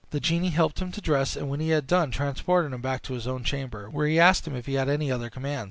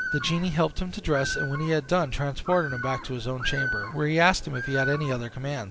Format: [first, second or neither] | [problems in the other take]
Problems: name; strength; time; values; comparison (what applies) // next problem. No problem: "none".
first | background sound (Bird); 8 dB below the speech